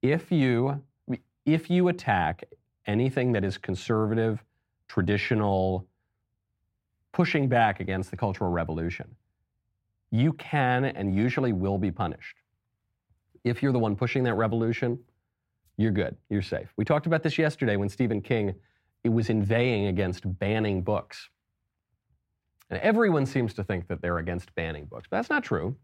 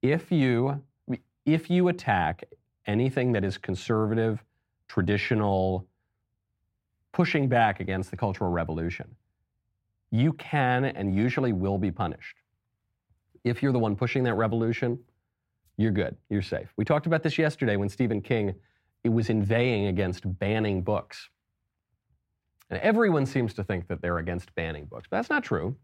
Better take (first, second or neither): neither